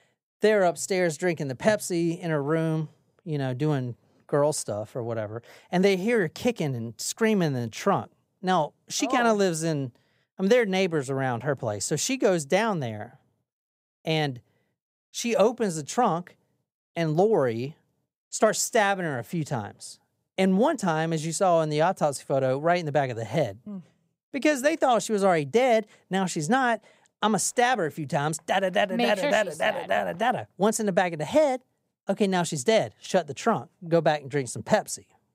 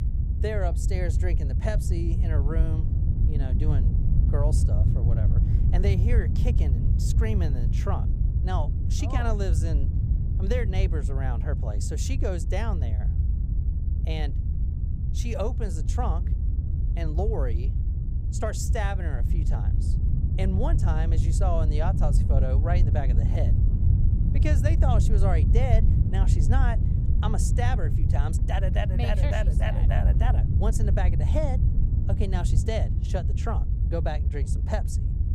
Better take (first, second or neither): first